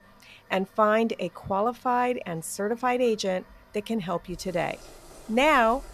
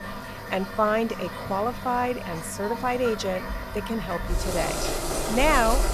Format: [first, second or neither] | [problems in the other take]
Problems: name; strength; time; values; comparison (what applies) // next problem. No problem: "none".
first | household noises; loud; throughout; 5 dB below the speech; faint in the first